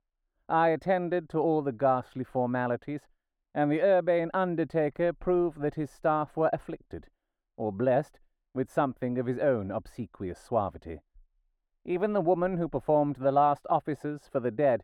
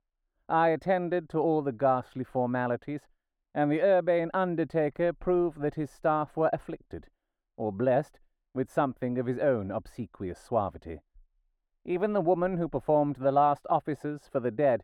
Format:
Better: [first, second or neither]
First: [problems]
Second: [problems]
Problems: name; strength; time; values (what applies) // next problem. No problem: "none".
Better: neither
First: muffled; very; fading above 3 kHz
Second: muffled; very; fading above 3 kHz